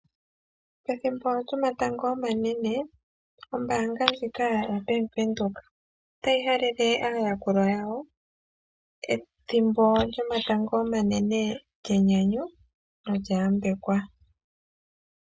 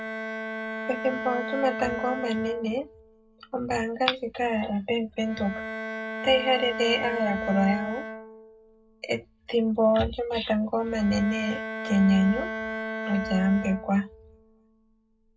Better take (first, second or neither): first